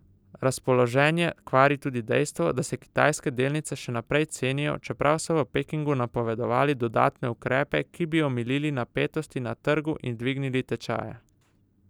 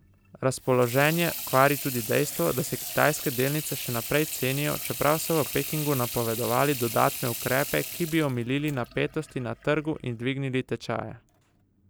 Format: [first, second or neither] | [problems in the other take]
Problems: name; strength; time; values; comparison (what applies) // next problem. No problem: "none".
first | background sound (Sink (filling or washing) / Water tap, faucet); 10 dB below the speech